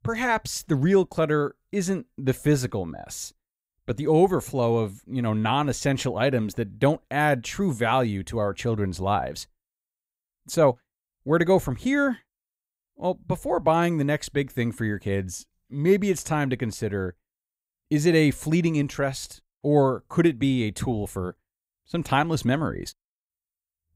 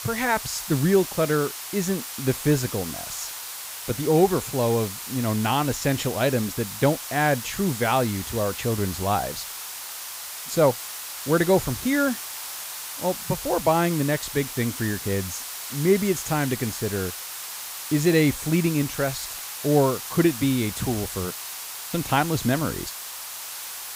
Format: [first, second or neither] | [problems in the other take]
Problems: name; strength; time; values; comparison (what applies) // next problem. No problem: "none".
first | hiss; loud; throughout; 8 dB below the speech